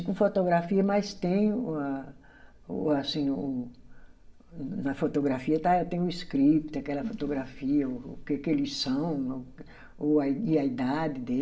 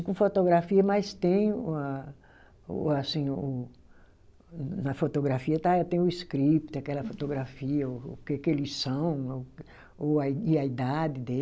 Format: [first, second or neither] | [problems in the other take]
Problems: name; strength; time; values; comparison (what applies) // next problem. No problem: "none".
second | room echo; dies away in 0.5 s